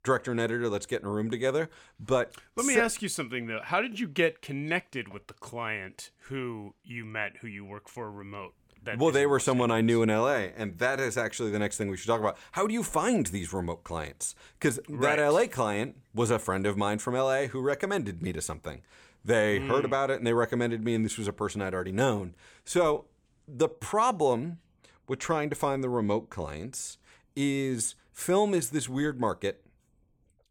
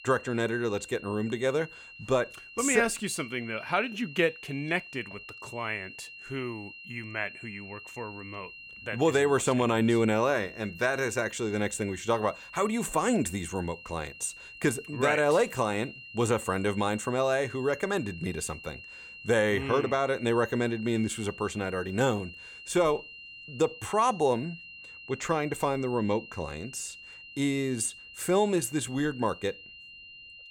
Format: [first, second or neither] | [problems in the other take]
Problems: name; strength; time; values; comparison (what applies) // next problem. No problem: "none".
first | high-pitched whine; noticeable; throughout; 3 kHz, 15 dB below the speech